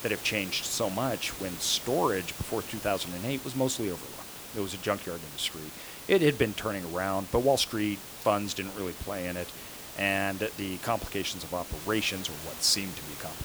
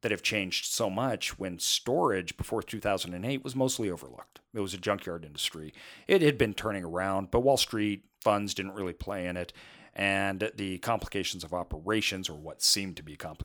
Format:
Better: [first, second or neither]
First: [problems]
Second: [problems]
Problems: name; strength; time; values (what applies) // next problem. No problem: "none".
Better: second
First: hiss; noticeable; throughout; 10 dB below the speech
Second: none